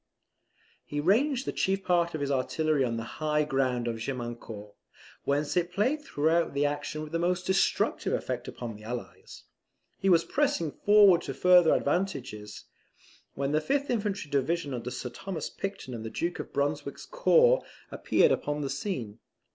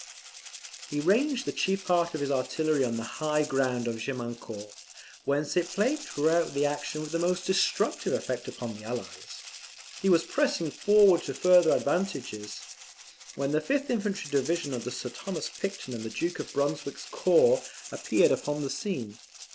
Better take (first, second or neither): first